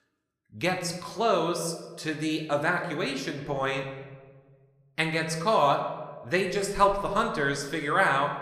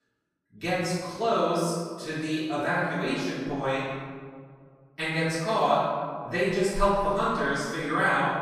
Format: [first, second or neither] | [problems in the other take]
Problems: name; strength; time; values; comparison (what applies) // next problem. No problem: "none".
first | room echo; strong; dies away in 1.7 s; slight in the first // off-mic speech; far